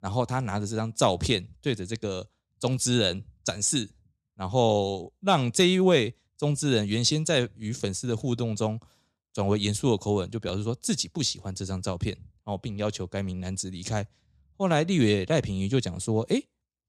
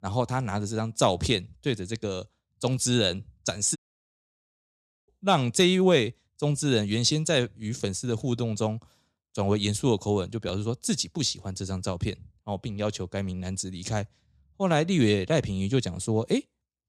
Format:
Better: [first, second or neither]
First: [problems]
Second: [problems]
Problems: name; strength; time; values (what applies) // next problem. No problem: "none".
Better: first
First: none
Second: audio cutting out; at 4 s for 1.5 s